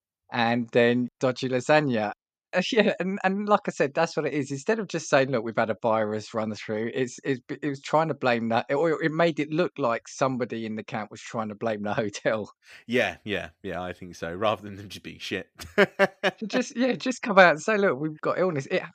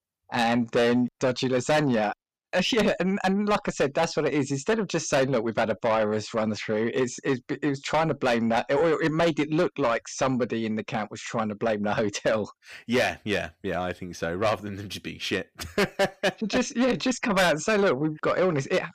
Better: first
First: none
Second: distortion; heavy; 6 dB below the speech

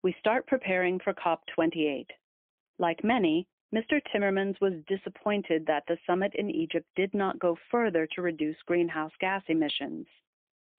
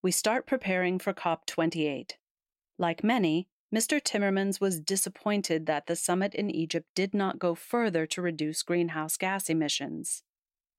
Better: second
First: phone-call audio; poor line; nothing above 3.5 kHz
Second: none

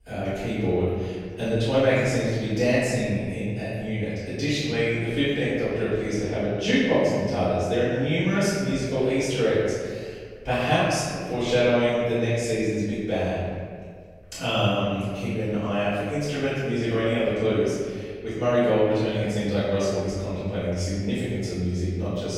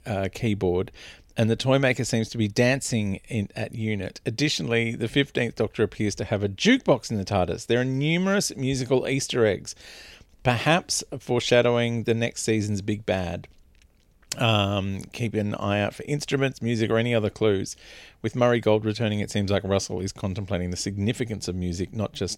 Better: second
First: off-mic speech; far // room echo; strong; dies away in 1.8 s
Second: none

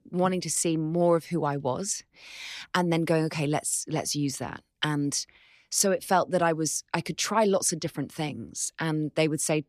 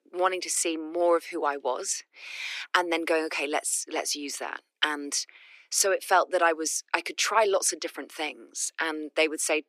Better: first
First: none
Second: thin; very; fading below 350 Hz

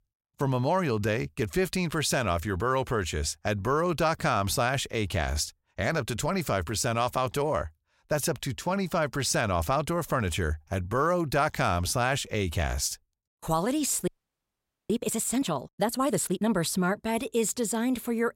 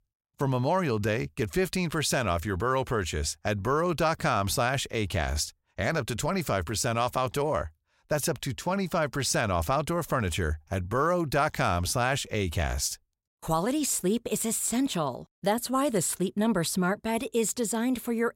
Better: second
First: audio freezing; at 14 s for 1 s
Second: none

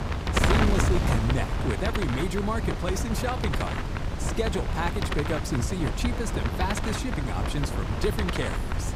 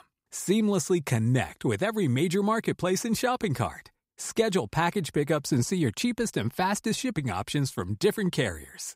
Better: second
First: wind noise on the microphone; heavy; 1 dB above the speech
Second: none

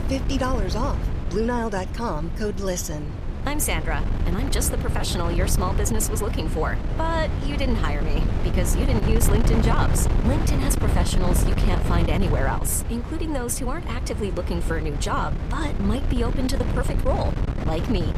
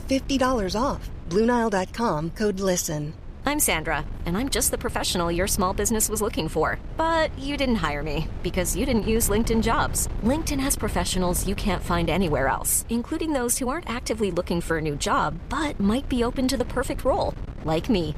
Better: second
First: wind noise on the microphone; heavy; 6 dB below the speech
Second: wind noise on the microphone; occasional gusts; 20 dB below the speech

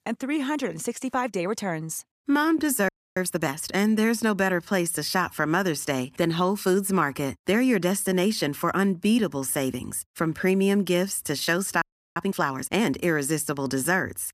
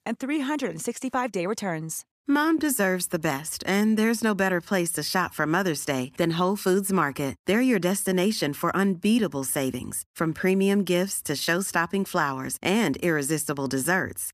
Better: second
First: audio freezing; at 3 s and at 12 s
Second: none

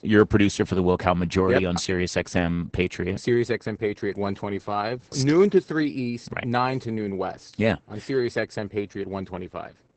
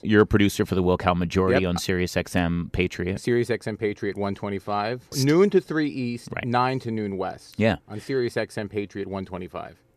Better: second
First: garbled, watery; badly; nothing above 8 kHz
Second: none

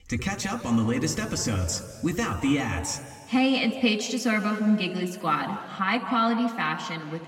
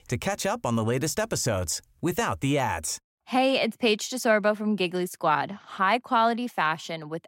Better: second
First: room echo; slight; dies away in 2 s // off-mic speech; somewhat distant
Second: none

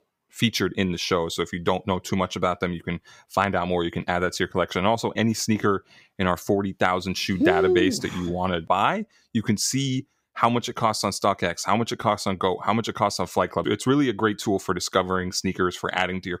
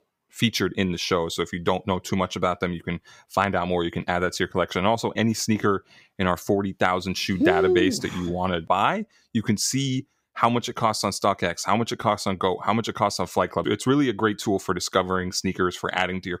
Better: neither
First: none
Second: none

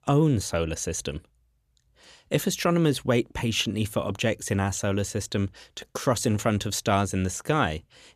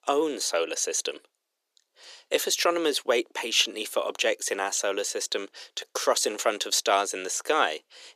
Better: first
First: none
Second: thin; very; fading below 350 Hz

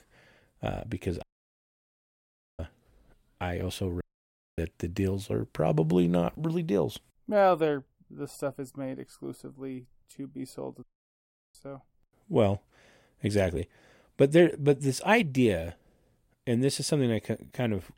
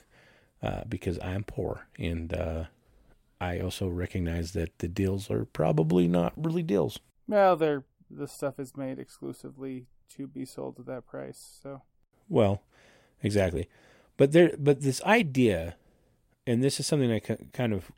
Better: second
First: audio cutting out; at 1 s for 1.5 s, at 4 s for 0.5 s and at 11 s for 0.5 s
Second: none

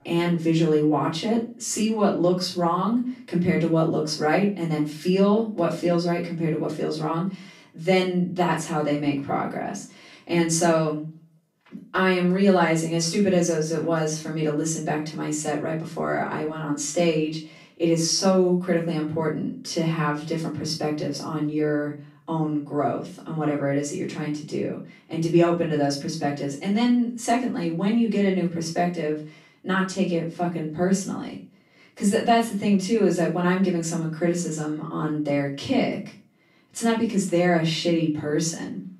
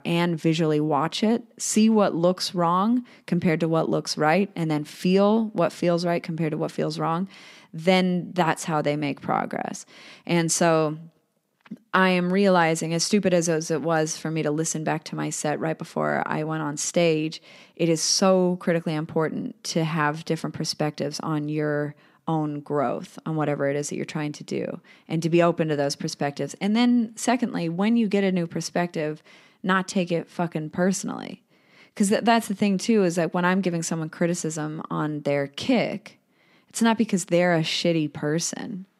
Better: second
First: room echo; slight; dies away in 0.3 s // off-mic speech; far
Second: none

